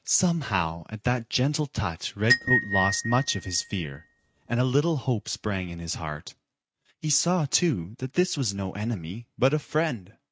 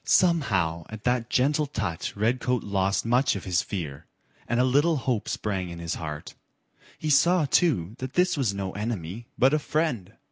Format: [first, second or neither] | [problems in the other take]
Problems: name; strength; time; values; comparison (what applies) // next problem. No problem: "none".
second | noise reduction (neural mask model RNNoise)